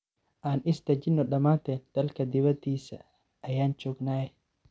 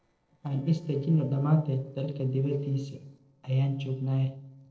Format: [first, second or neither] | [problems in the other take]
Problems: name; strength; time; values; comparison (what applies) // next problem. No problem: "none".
first | noise reduction (neural separator model SepFormer DNS4)